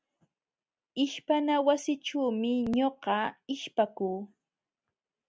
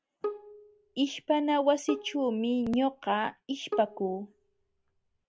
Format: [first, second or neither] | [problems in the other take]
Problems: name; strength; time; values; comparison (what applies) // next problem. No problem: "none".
first | background sound (Bowed string instrument); 11 dB below the speech